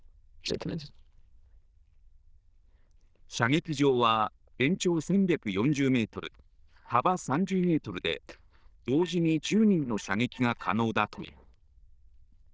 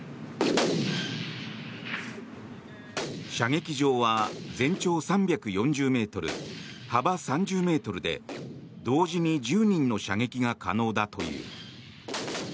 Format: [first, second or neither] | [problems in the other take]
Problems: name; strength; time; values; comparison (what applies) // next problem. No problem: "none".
second | noise reduction (neural diffusion model UNIVERSE++)